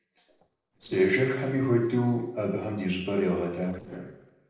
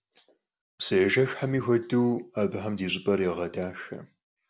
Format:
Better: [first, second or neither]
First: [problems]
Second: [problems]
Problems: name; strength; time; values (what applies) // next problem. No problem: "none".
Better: second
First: noise reduction (neural separator model SepFormer DNS4)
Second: none